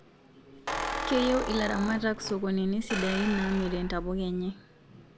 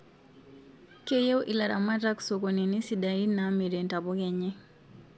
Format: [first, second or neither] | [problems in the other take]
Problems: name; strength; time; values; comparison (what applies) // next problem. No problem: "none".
second | background sound (Squeak); 5 dB below the speech